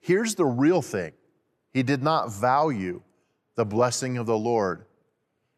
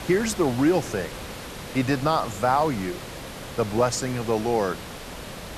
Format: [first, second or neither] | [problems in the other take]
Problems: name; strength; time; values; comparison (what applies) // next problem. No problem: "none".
first | hiss; noticeable; throughout; 10 dB below the speech